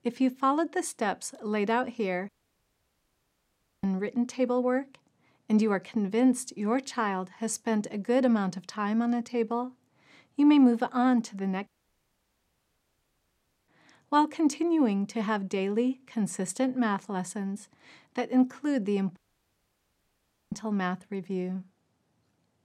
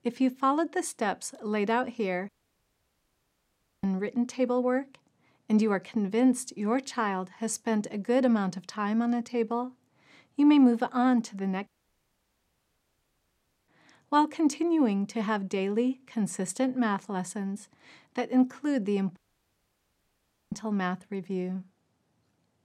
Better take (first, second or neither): neither